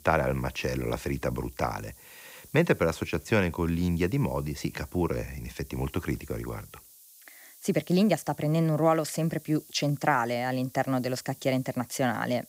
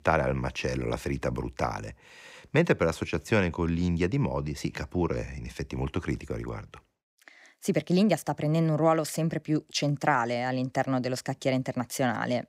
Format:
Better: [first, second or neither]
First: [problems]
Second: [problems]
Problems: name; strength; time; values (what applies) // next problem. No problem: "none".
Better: second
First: hiss; faint; throughout; 20 dB below the speech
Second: none